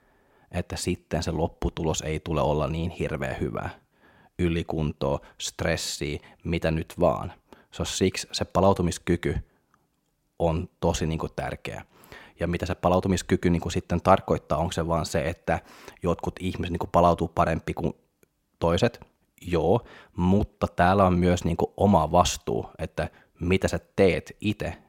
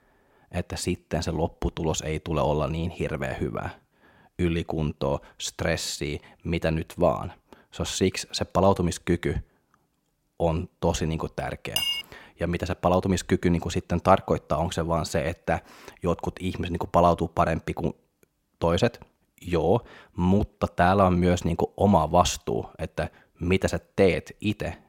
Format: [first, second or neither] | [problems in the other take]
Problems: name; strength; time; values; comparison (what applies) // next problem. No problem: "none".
first | clattering dishes; loud; at 12 s; peak 1 dB above the speech